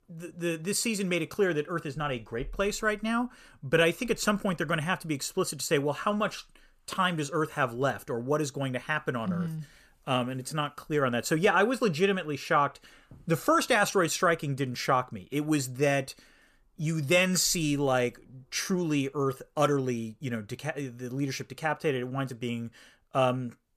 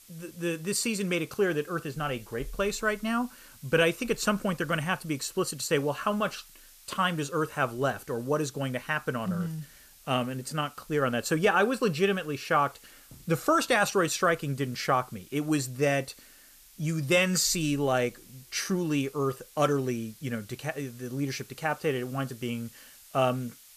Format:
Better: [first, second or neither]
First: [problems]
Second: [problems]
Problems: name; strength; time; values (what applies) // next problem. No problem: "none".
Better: first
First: none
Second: hiss; faint; throughout; 25 dB below the speech